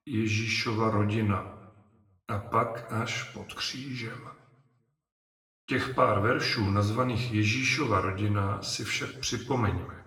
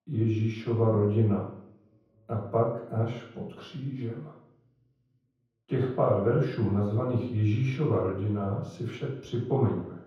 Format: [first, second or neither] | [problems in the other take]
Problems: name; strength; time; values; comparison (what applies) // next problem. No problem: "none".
first | room echo; strong; dies away in 0.9 s; slight in the first // off-mic speech; far; somewhat distant in the first